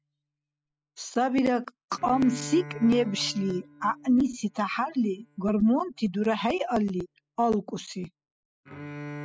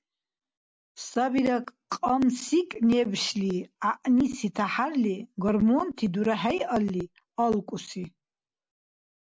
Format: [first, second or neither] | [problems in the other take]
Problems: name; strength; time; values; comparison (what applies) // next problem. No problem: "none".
second | noise reduction (classical method spectral subtraction)